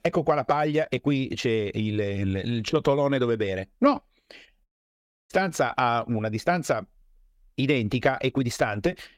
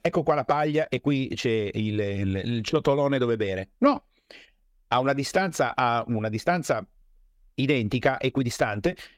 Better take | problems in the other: second | audio cutting out; at 4.5 s for 0.5 s

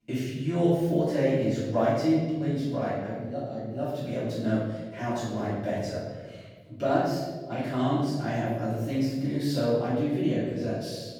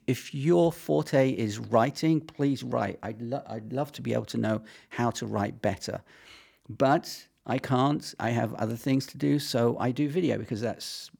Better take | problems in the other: second | off-mic speech; far // room echo; strong; dies away in 1.3 s

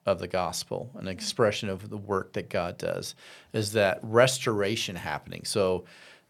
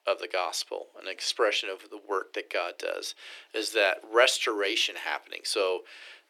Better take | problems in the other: first | thin; very; fading below 300 Hz

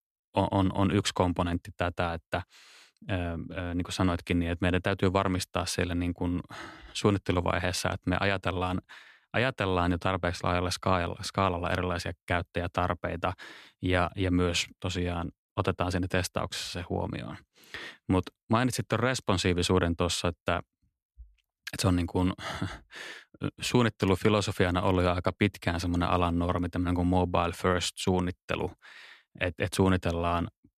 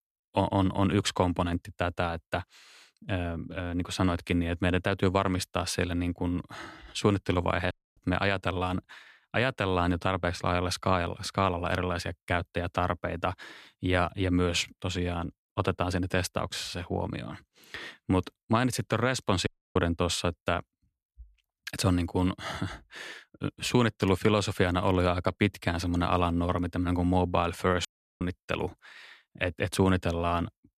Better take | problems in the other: first | audio cutting out; at 7.5 s, at 19 s and at 28 s

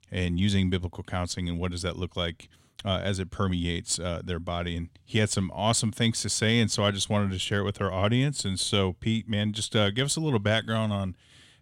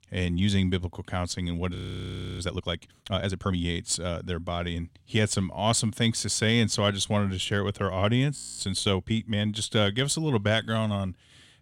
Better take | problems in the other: first | audio freezing; at 2 s for 0.5 s and at 8.5 s

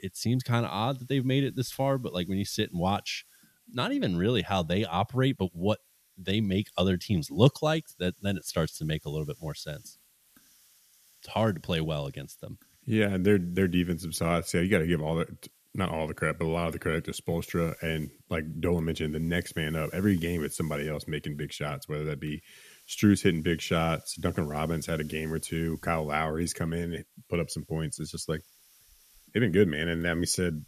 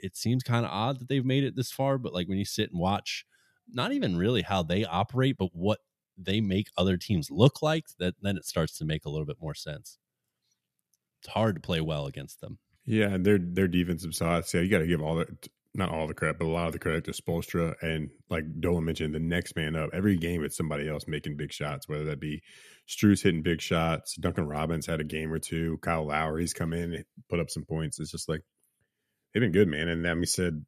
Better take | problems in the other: second | hiss; faint; throughout; 25 dB below the speech

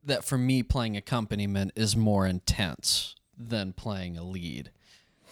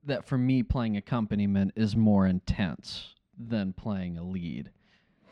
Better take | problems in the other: first | muffled; slightly; fading above 2.5 kHz

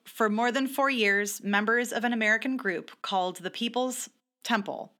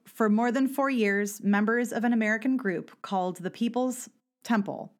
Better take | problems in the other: second | thin; very slightly; fading below 1 kHz

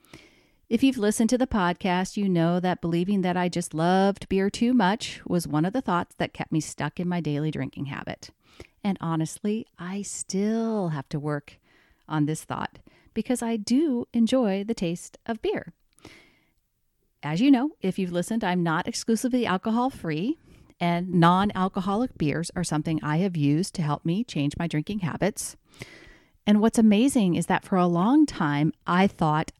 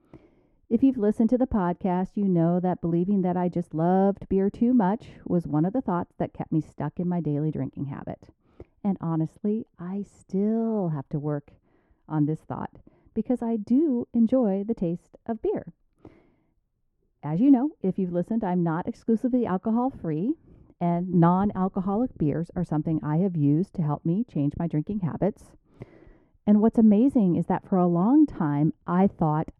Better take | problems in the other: first | muffled; very; fading above 1.5 kHz

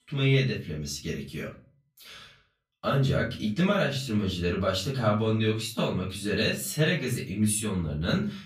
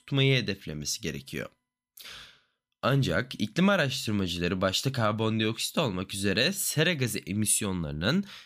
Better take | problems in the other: second | room echo; slight; dies away in 0.4 s // off-mic speech; far

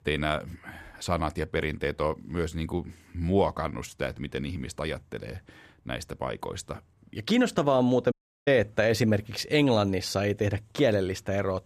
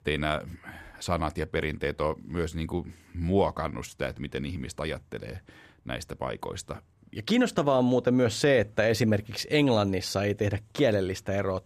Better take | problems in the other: second | audio cutting out; at 8 s

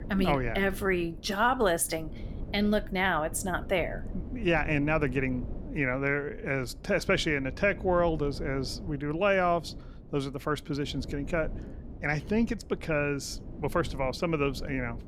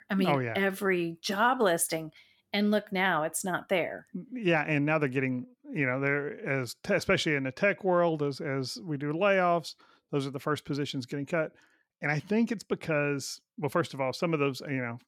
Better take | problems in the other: second | low rumble; faint; throughout; 20 dB below the speech

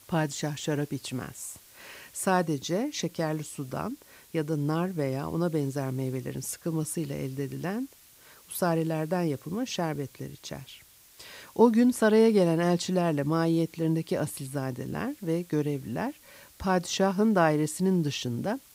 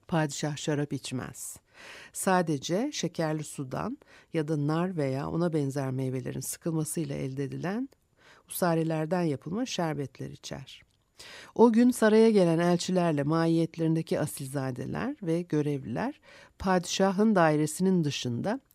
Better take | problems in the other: second | hiss; faint; throughout; 25 dB below the speech

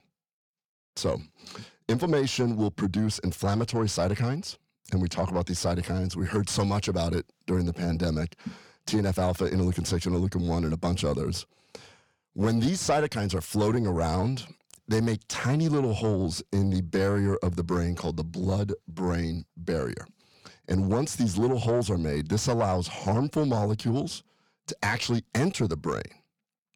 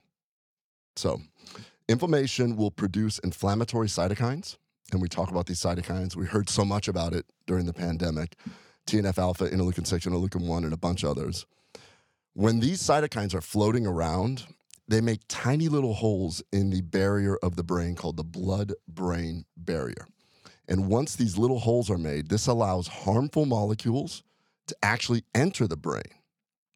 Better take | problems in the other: second | distortion; slight; 10 dB below the speech

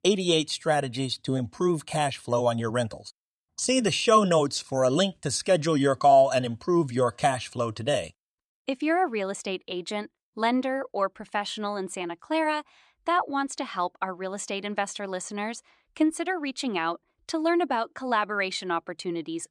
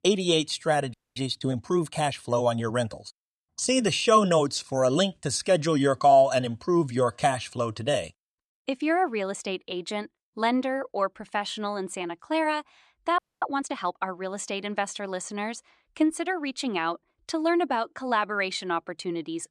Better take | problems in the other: first | audio freezing; at 1 s and at 13 s

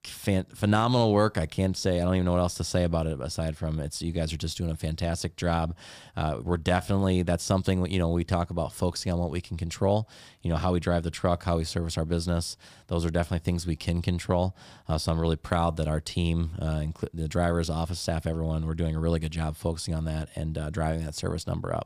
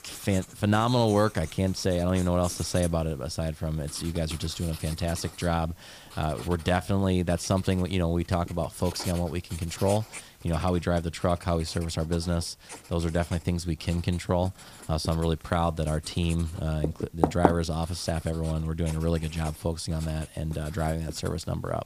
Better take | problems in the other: first | household noises; noticeable; throughout; 10 dB below the speech

